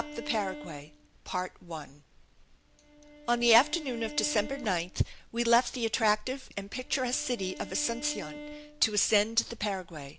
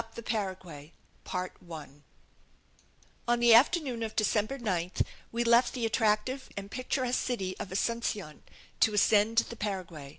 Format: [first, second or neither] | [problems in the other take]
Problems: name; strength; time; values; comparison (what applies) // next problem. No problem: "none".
second | background sound (Bowed string instrument); 16 dB below the speech